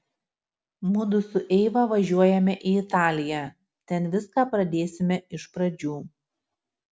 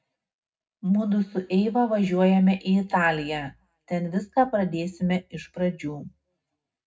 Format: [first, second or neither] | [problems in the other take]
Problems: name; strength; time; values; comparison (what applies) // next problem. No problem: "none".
first | room echo; dies away in 0.3 s